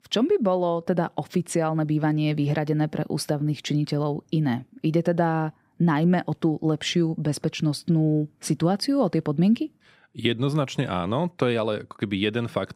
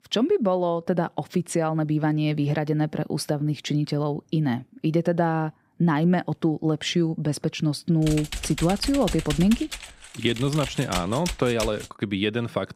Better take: first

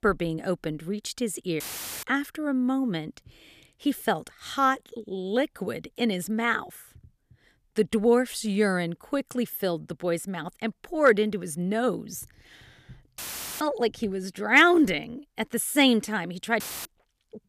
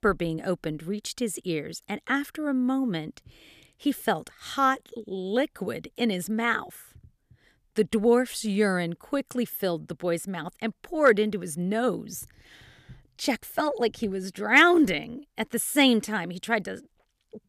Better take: second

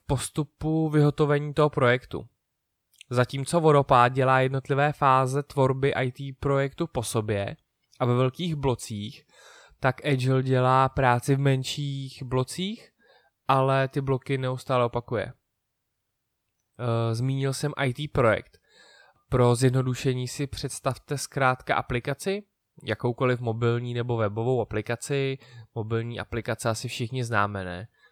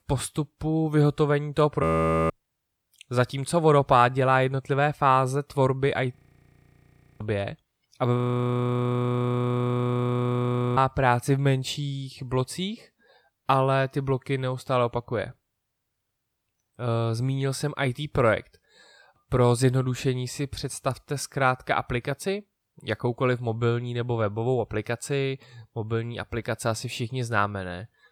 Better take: first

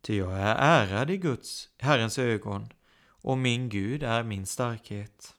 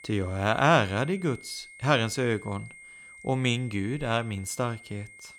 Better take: first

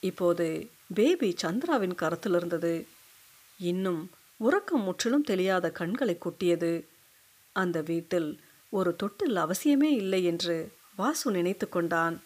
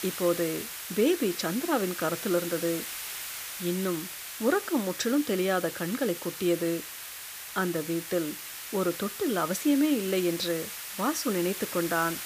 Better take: first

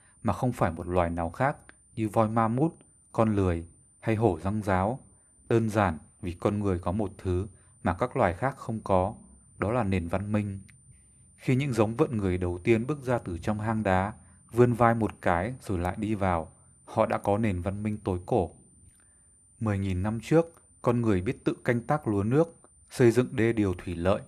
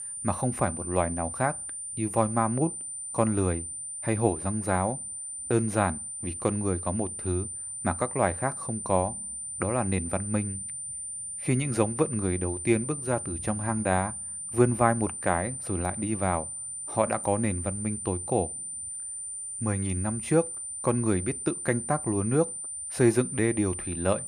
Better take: first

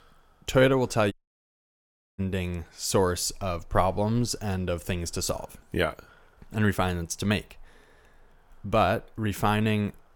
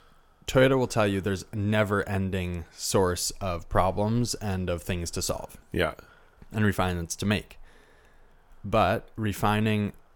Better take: second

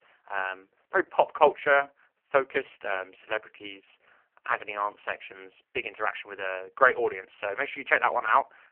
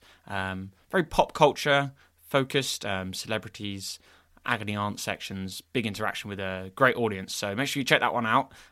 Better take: second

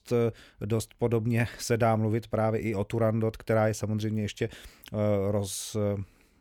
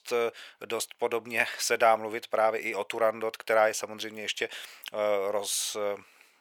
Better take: first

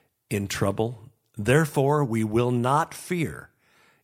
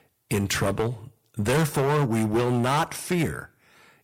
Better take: first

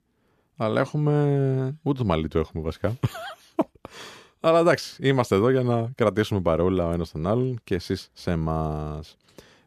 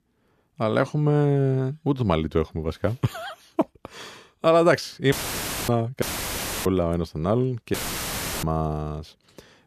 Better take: first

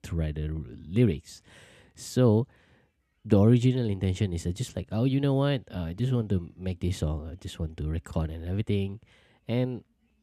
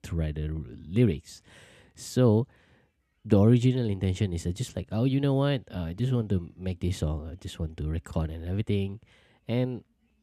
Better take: neither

